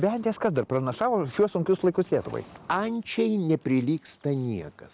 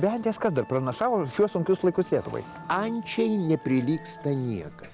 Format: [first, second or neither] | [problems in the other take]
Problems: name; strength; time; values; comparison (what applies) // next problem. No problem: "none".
first | background sound (Musical instrument); 18 dB below the speech